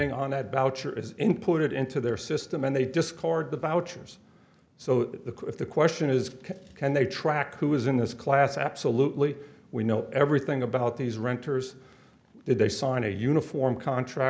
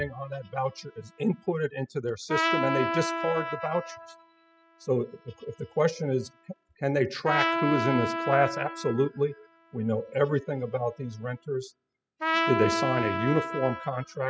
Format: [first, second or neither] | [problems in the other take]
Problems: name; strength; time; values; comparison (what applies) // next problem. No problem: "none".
first | noise reduction (classical method spectral subtraction)